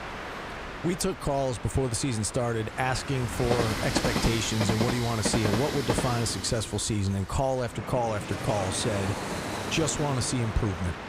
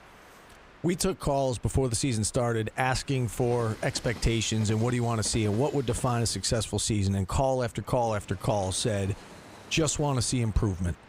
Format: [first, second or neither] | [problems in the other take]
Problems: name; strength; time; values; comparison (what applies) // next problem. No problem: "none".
second | train or aircraft noise; loud; throughout; 4 dB below the speech; faint in the second